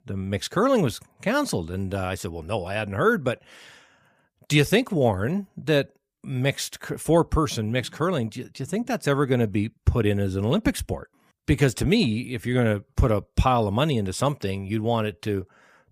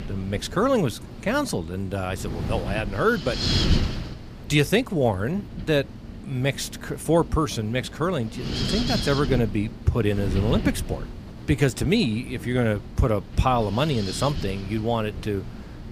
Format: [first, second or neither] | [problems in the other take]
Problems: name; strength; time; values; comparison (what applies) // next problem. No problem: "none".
first | wind noise on the microphone; heavy; 7 dB below the speech